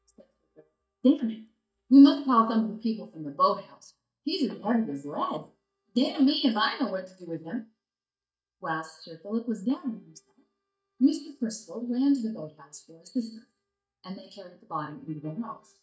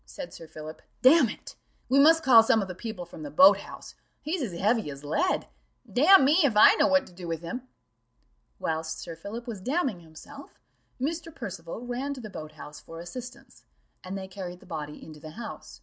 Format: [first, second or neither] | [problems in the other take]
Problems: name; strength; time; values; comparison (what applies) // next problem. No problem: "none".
second | noise reduction (neural mask model DeepFilterNet 3)